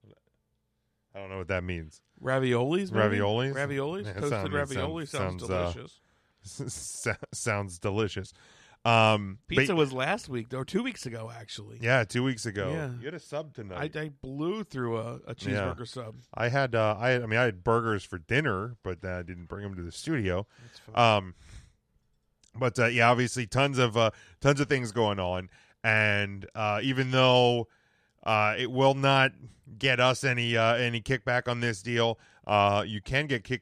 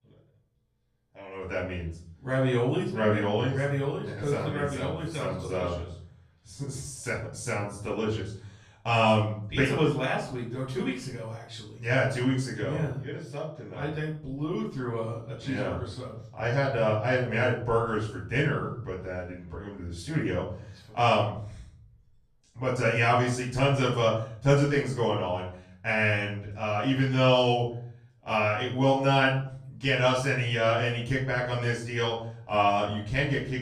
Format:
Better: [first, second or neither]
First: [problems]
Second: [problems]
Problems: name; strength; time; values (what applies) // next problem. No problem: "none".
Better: first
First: none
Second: off-mic speech; far // room echo; noticeable; dies away in 0.6 s